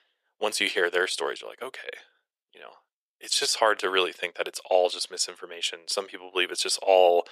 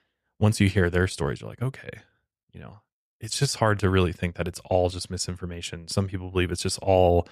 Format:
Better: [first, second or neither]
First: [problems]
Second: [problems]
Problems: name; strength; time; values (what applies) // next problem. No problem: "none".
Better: second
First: thin; very; fading below 400 Hz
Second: none